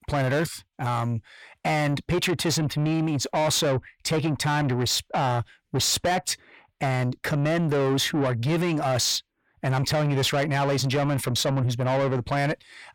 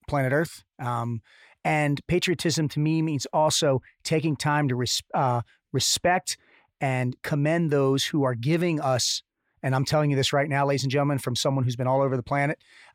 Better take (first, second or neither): second